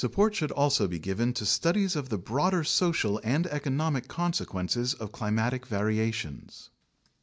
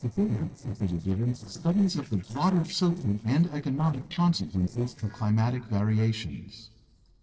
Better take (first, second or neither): first